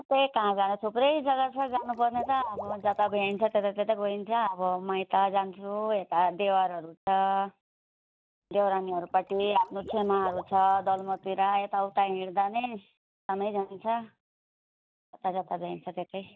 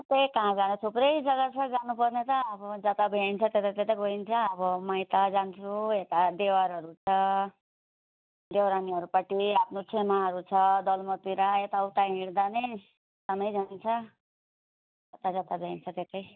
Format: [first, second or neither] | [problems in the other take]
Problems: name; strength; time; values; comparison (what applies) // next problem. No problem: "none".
second | background sound (Water / Liquid); 17 dB below the speech